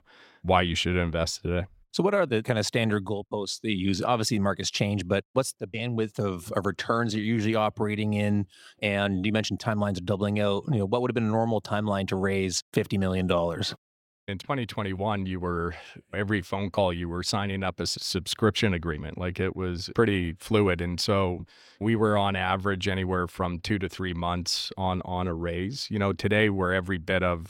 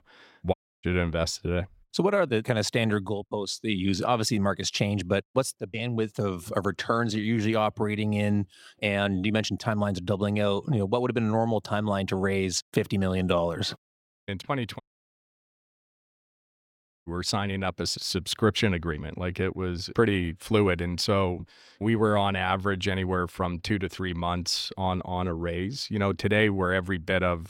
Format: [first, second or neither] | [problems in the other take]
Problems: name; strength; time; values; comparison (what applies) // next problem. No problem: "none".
first | audio cutting out; at 0.5 s and at 15 s for 2.5 s